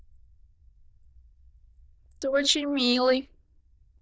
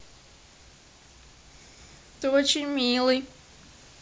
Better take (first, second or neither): second